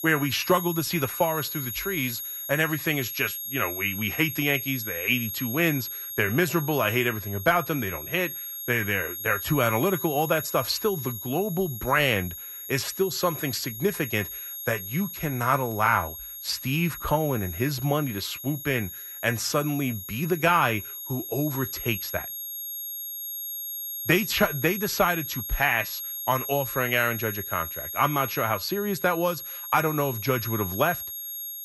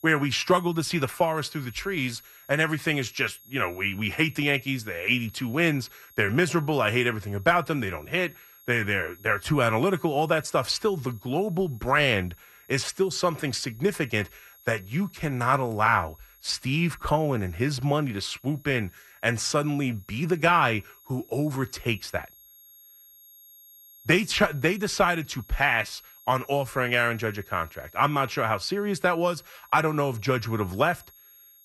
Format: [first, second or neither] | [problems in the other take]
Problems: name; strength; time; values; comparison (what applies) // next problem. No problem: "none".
second | high-pitched whine; loud; throughout; 11.5 kHz, 7 dB below the speech; faint in the second